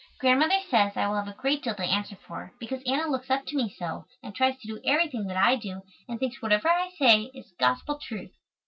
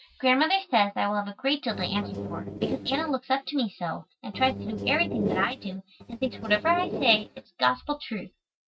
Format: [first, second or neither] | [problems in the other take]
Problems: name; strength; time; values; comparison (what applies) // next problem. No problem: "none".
first | noise reduction (neural mask model RNNoise)